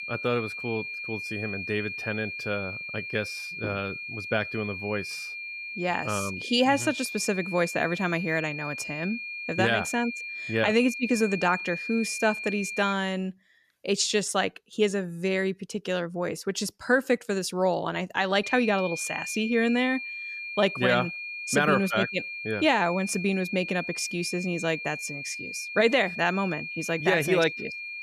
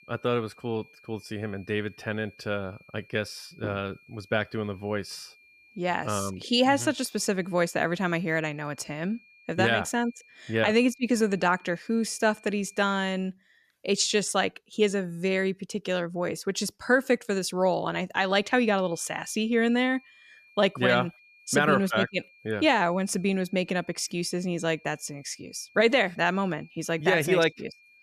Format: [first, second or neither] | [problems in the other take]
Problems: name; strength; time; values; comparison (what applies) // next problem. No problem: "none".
second | high-pitched whine; loud; until 13 s and from 18 s on; 2.5 kHz, 7 dB below the speech; faint in the second